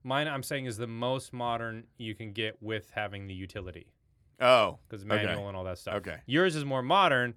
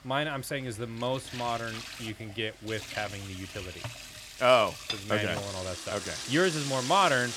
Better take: first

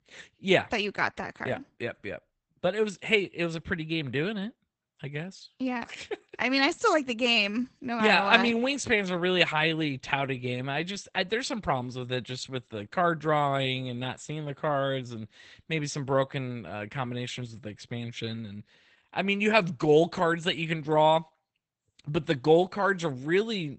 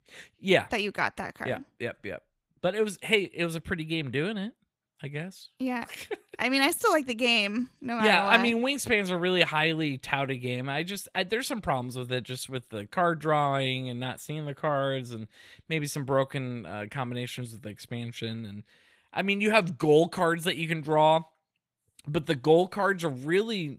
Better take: second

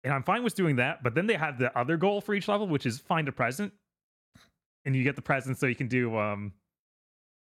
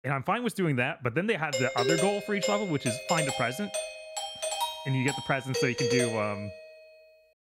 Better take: first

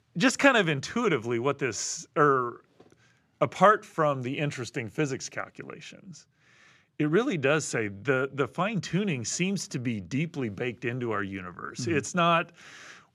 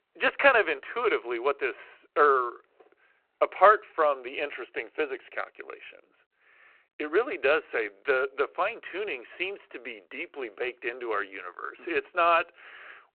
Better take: first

